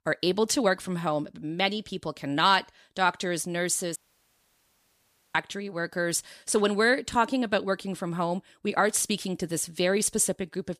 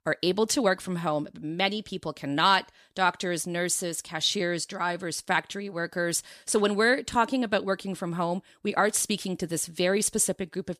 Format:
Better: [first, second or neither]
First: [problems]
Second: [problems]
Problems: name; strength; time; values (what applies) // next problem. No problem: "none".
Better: second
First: audio cutting out; at 4 s for 1.5 s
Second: none